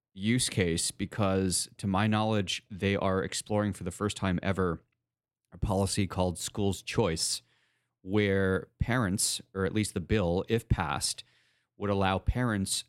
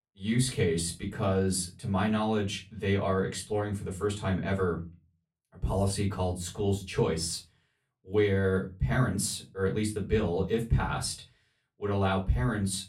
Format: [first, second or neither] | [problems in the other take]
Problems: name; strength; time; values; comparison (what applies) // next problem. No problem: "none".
first | off-mic speech; far // room echo; very slight; dies away in 0.3 s